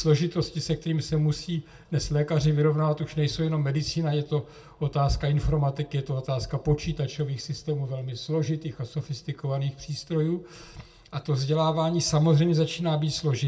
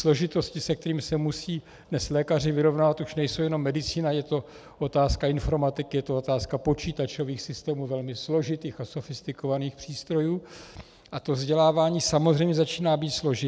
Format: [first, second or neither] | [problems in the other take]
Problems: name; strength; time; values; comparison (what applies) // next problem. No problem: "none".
second | room echo; dies away in 0.2 s